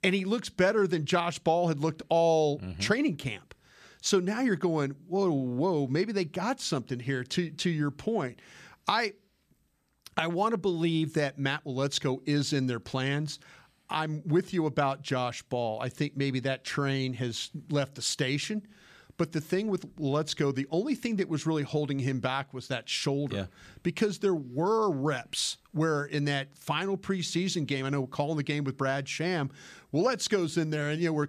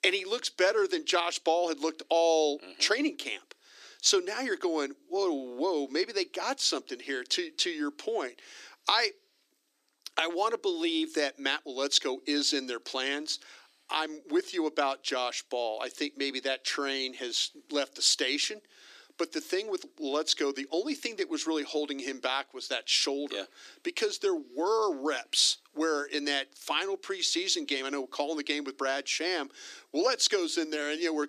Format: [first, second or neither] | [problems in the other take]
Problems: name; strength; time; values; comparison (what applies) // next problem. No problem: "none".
first | thin; somewhat; fading below 300 Hz